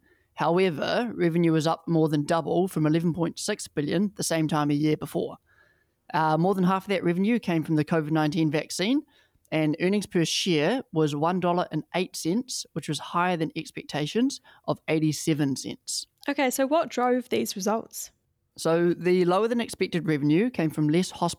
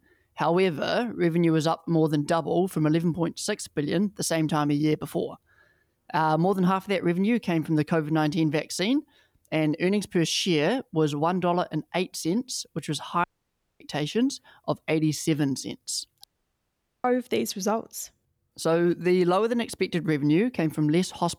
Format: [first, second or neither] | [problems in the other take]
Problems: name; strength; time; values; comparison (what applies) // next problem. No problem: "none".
first | audio cutting out; at 13 s for 0.5 s and at 16 s for 1 s